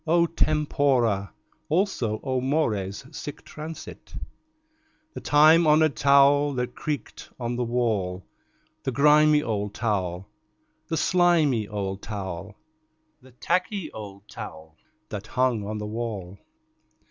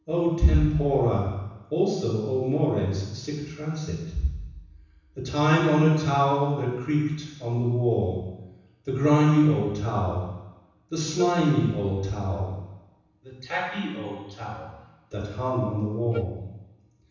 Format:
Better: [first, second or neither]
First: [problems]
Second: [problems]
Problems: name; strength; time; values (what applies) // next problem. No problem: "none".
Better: first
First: none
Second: background sound (Wind instrument, woodwind instrument); 11 dB below the speech // room echo; dies away in 1.1 s